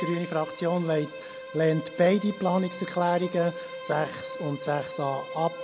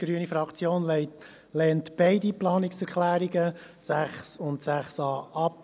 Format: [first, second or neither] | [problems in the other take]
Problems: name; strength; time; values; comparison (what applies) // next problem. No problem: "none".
second | background sound (Bowed string instrument); 11 dB below the speech